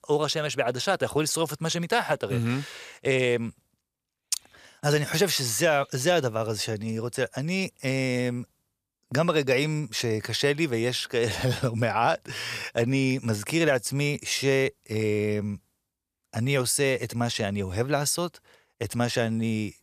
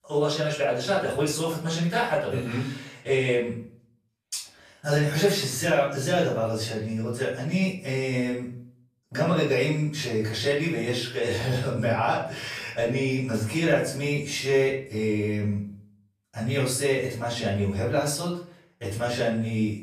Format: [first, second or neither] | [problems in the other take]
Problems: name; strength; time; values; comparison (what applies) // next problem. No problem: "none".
first | off-mic speech; far // room echo; noticeable; dies away in 0.5 s